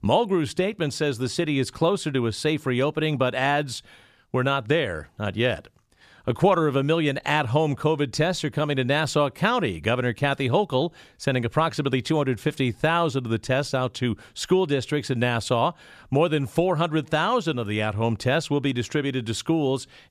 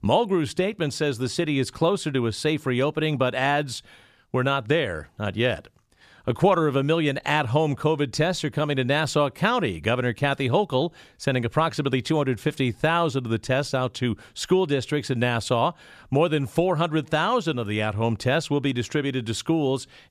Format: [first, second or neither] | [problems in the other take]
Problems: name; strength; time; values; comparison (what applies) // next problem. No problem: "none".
neither | none